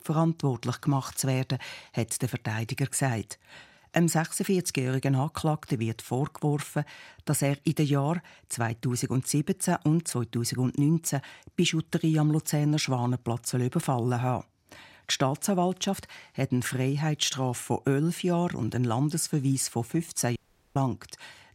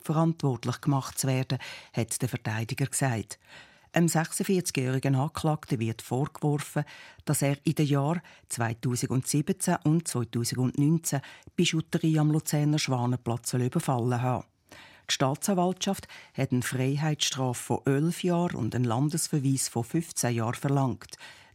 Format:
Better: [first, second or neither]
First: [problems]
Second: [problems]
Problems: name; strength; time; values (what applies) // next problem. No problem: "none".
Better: second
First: audio cutting out; at 20 s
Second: none